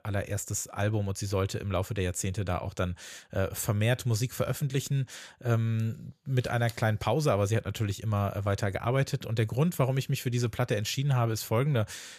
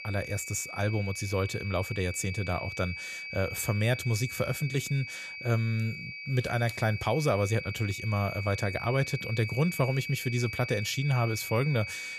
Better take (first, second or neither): first